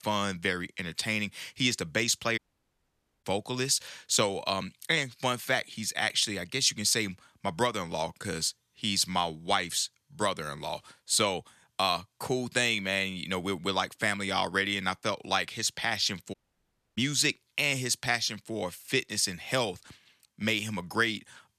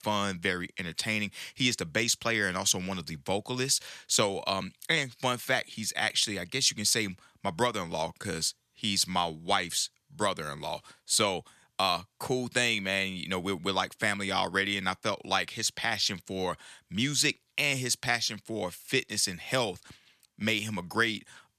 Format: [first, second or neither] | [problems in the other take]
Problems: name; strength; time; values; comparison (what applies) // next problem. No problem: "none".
second | audio cutting out; at 2.5 s for 1 s and at 16 s for 0.5 s